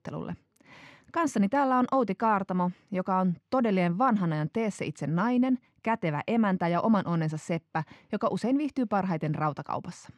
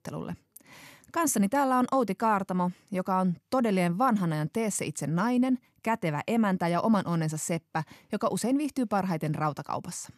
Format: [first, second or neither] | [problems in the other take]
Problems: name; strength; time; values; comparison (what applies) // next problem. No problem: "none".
second | muffled; slightly; fading above 3.5 kHz